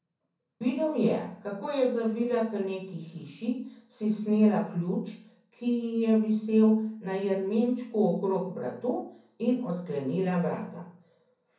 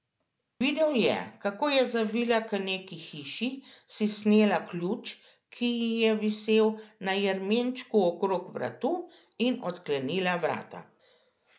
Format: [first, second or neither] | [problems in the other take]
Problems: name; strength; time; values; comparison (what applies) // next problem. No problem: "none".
second | room echo; dies away in 0.6 s